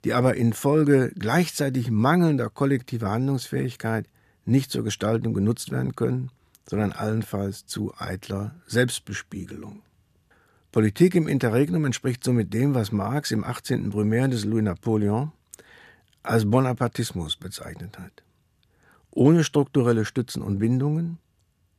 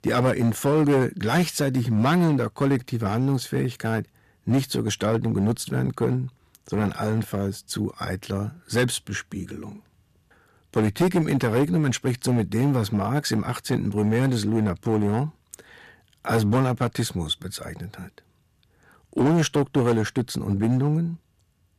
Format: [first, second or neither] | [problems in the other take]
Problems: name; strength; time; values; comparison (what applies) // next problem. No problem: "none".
first | distortion; slight; 6% of the sound clipped